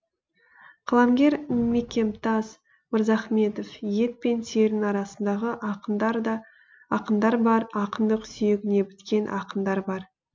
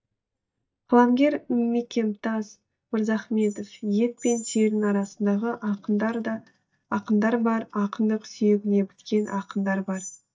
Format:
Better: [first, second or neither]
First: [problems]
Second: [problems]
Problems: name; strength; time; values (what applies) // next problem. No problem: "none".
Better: first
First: none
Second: noise reduction (neural mask model DeepFilterNet 3)